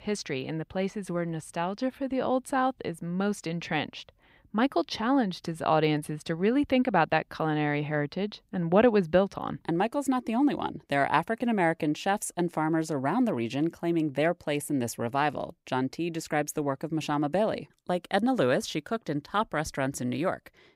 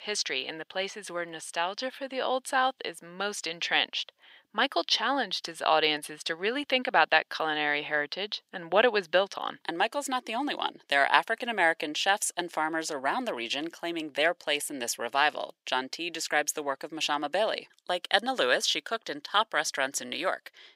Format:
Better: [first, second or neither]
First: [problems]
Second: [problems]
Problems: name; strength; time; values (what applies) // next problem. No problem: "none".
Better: first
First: none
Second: thin; somewhat; fading below 550 Hz